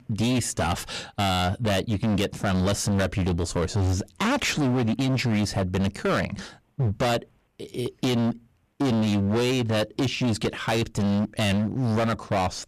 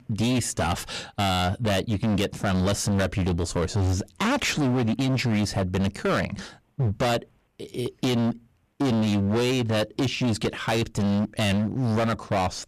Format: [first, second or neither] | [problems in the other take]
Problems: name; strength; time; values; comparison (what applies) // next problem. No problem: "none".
neither | distortion; heavy; 24% of the sound clipped; the same in both